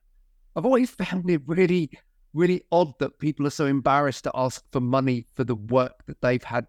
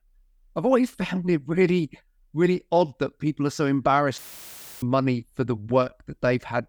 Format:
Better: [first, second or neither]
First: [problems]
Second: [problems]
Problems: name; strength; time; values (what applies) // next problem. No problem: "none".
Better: first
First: none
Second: audio cutting out; filled with static; at 4 s for 0.5 s